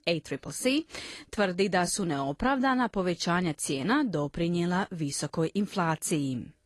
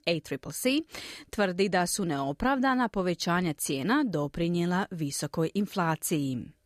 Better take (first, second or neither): second